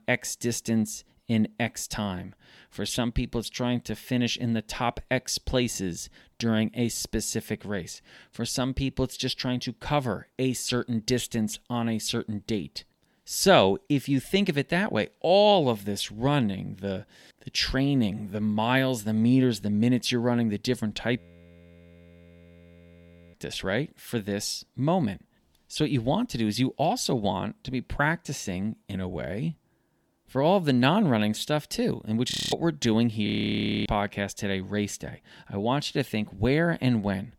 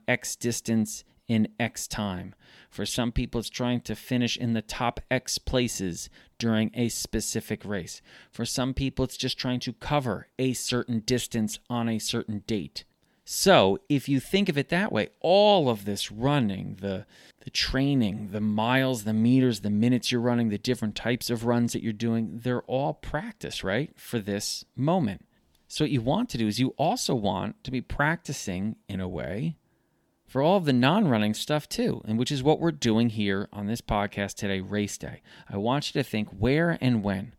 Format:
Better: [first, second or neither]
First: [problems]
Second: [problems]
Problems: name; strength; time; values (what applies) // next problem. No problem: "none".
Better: second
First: audio freezing; at 21 s for 2 s, at 32 s and at 33 s for 0.5 s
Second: none